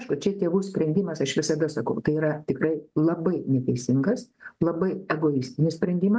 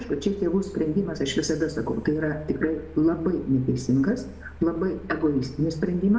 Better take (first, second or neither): first